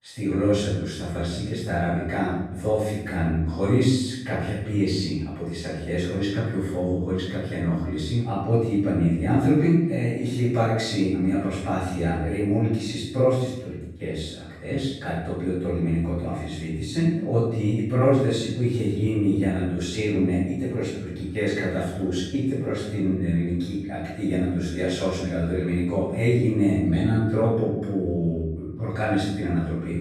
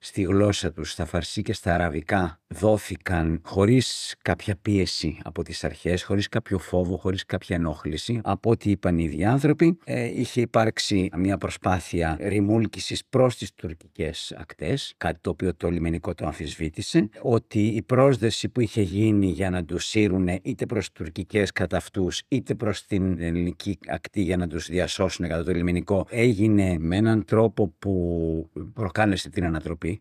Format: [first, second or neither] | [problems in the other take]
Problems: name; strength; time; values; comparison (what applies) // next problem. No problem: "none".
second | off-mic speech; far // room echo; strong; dies away in 0.8 s